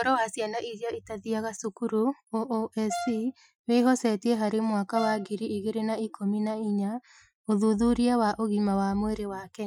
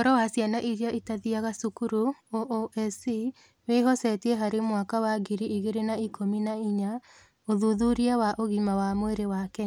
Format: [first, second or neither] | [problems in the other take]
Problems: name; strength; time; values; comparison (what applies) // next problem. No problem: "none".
second | noise reduction (classical method Wiener filter)